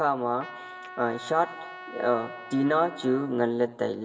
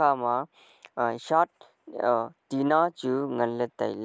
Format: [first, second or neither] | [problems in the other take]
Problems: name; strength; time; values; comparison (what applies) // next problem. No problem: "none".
second | background sound (Trumpet); 16 dB below the speech // room echo; dies away in 1.9 s